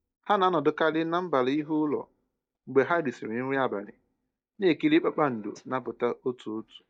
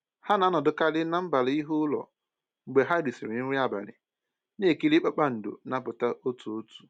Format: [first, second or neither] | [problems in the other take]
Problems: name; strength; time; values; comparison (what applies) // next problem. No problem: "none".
second | noise reduction (neural mask model DeepFilterNet 3)